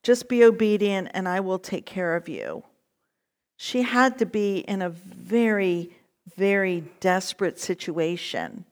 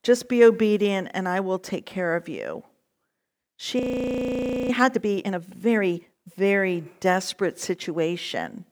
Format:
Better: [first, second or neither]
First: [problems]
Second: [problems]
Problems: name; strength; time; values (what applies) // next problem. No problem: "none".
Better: first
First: none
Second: audio freezing; at 4 s for 1 s